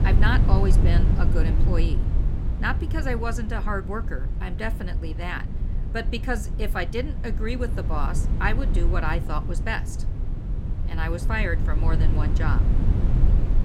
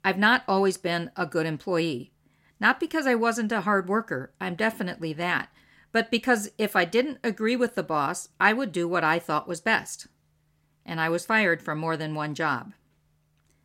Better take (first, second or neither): second